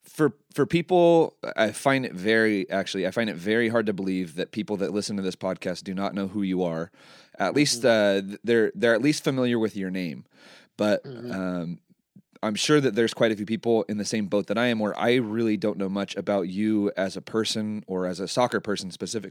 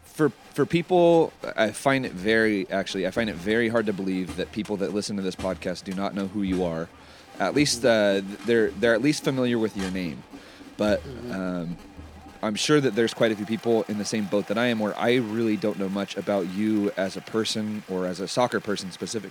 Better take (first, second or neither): first